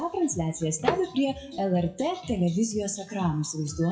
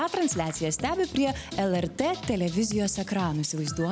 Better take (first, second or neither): second